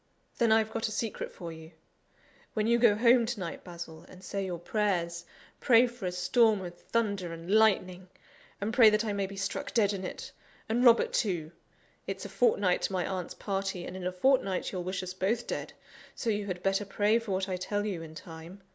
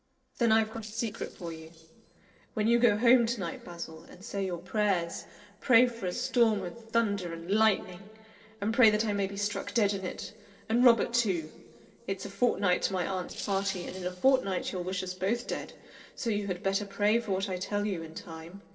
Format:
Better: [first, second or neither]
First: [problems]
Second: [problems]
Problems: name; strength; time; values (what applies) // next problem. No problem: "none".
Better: first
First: none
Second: noise reduction (neural separator model SepFormer DNS4)